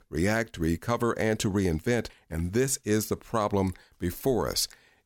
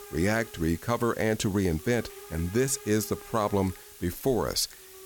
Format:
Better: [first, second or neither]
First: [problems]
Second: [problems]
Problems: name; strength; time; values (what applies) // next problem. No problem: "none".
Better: first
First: none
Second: hiss; noticeable; throughout; 15 dB below the speech